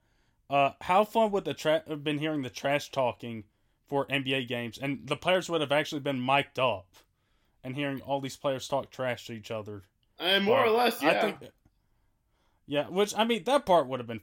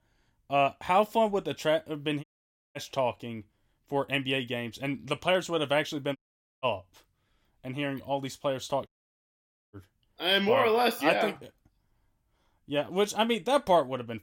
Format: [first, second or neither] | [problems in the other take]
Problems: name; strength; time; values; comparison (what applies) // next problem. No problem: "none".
first | audio cutting out; at 2 s for 0.5 s, at 6 s and at 9 s for 1 s